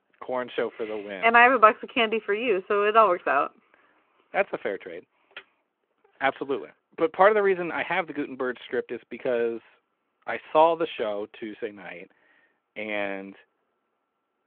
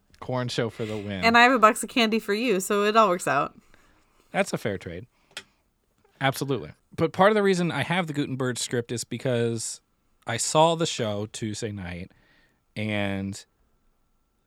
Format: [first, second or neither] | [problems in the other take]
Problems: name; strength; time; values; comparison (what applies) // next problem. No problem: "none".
second | phone-call audio